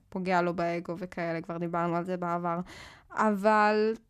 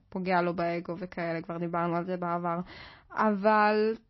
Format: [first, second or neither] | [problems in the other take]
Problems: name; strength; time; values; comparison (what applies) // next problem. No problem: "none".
first | garbled, watery; slightly; nothing above 5 kHz